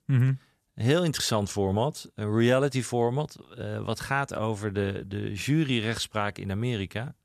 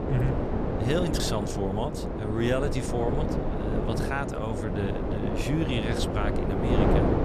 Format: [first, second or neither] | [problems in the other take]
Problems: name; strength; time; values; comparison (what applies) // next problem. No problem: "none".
first | wind noise on the microphone; heavy; 1 dB above the speech